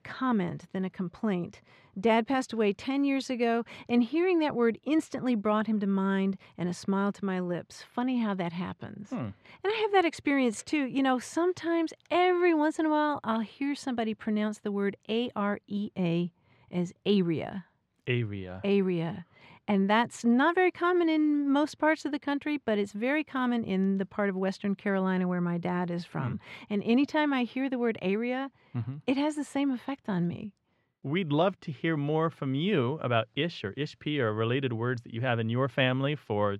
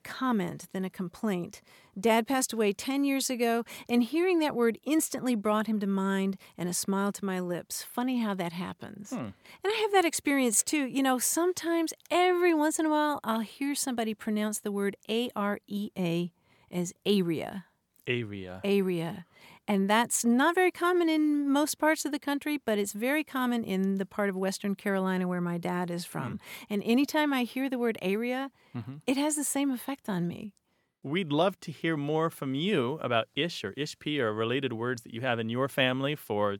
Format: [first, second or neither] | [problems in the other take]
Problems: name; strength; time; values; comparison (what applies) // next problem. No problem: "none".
second | muffled; slightly; fading above 3.5 kHz